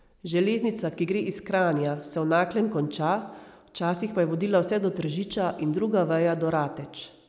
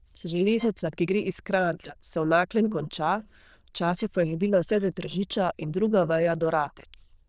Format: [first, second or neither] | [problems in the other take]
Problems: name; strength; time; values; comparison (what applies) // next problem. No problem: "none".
first | noise reduction (neural diffusion model UNIVERSE++)